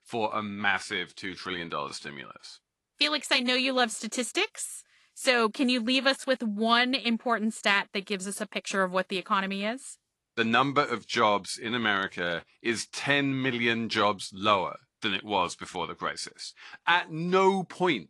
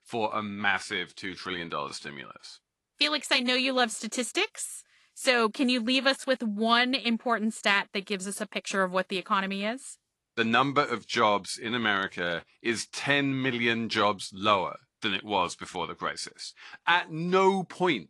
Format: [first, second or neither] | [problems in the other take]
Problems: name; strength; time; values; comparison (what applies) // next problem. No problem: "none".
neither | garbled, watery; slightly; nothing above 11 kHz; the same in both